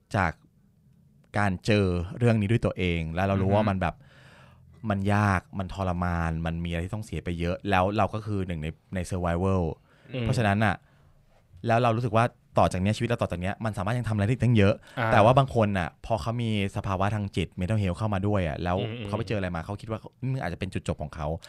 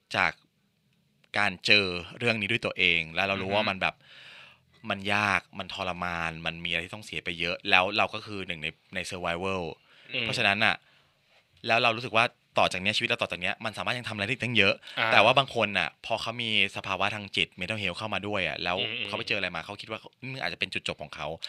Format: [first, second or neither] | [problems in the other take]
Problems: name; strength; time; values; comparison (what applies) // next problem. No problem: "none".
first | thin; somewhat; fading below 800 Hz